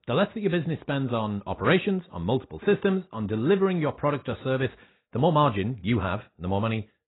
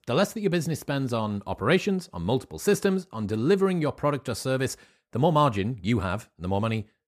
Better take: second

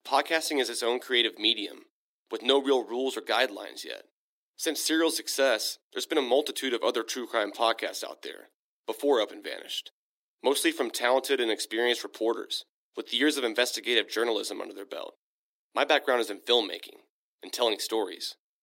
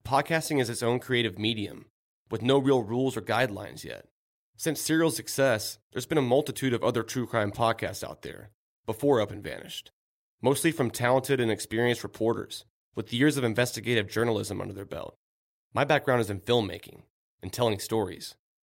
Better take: second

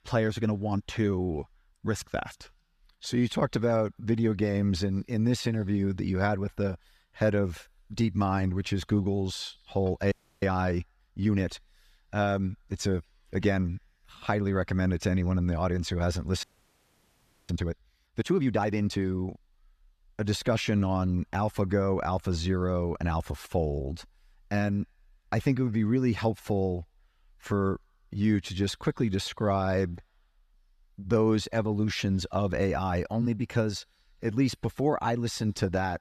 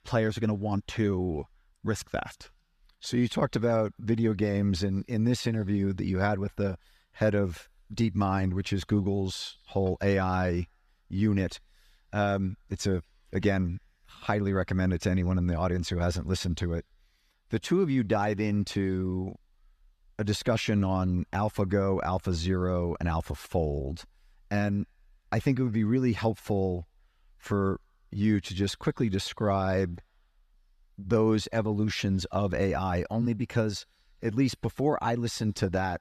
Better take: second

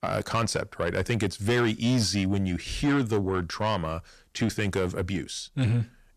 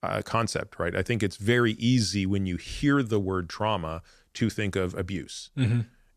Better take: second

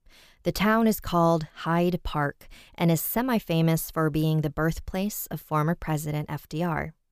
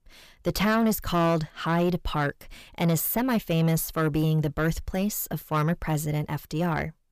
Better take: first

